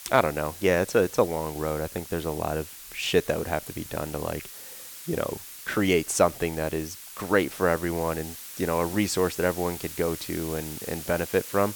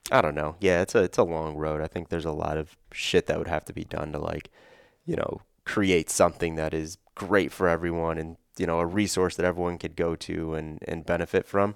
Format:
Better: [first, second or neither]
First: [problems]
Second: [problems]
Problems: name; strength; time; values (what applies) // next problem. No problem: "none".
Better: second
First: hiss; noticeable; throughout; 10 dB below the speech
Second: none